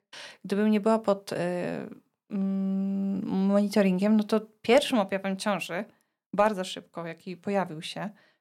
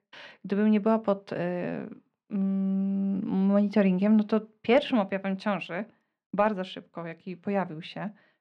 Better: first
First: none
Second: muffled; slightly; fading above 2.5 kHz

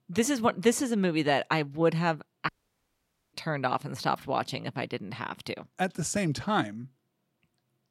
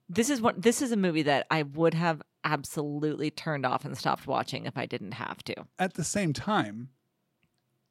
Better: second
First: audio cutting out; at 2.5 s for 1 s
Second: none

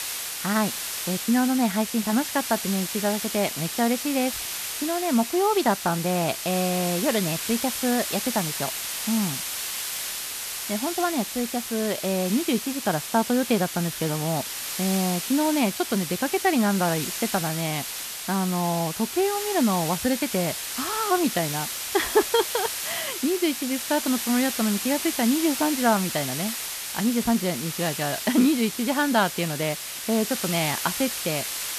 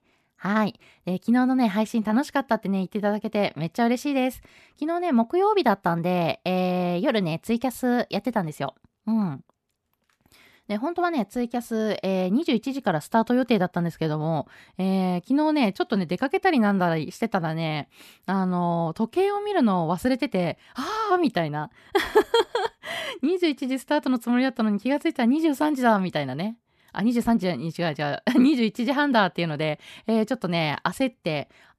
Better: second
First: hiss; loud; throughout; 4 dB below the speech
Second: none

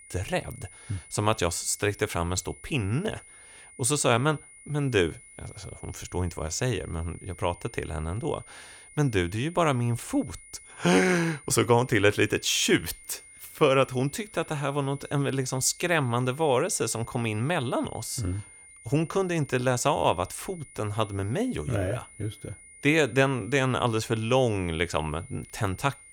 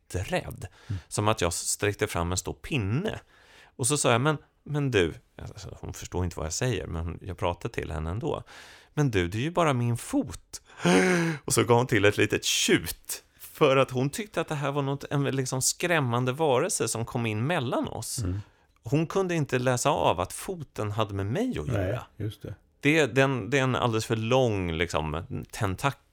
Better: second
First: high-pitched whine; faint; throughout; 9.5 kHz, 20 dB below the speech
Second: none

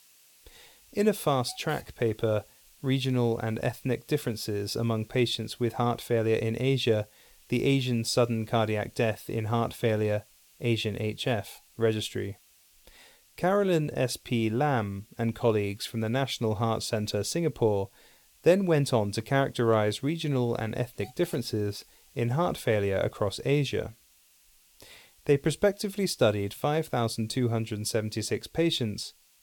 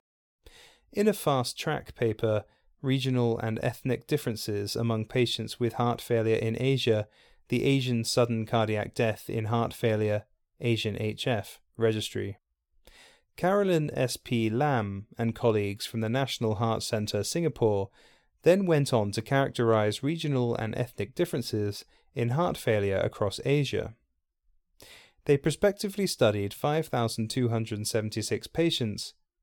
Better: second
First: hiss; faint; throughout; 30 dB below the speech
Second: none

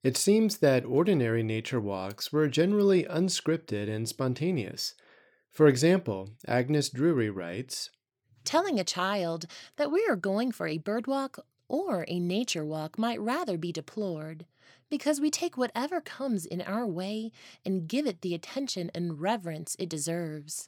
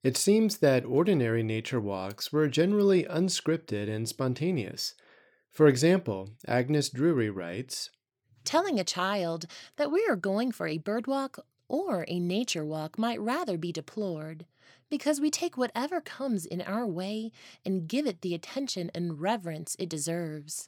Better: neither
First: none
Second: none

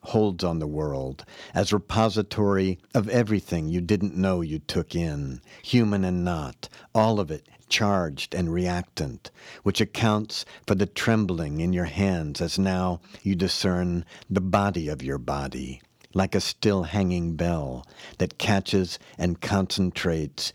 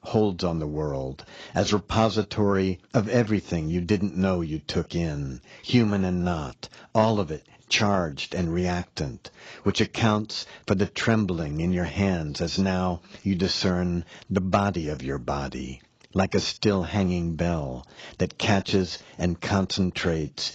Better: first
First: none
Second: garbled, watery; badly

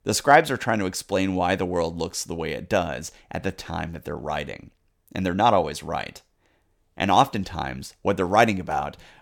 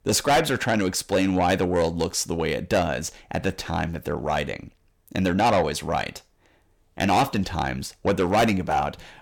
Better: first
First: none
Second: distortion; heavy; 6 dB below the speech

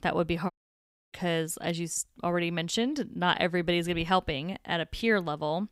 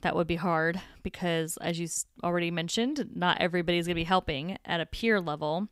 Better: second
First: audio cutting out; at 0.5 s for 0.5 s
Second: none

